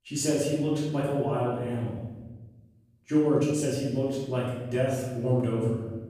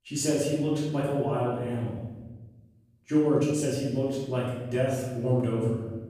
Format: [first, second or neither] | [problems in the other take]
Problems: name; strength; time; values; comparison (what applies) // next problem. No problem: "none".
neither | off-mic speech; far; the same in both // room echo; noticeable; dies away in 1.2 s; the same in both